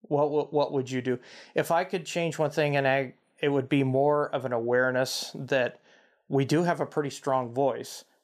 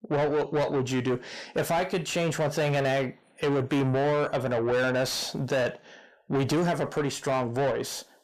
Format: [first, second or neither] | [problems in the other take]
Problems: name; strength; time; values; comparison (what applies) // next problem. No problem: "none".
first | distortion; heavy; 7 dB below the speech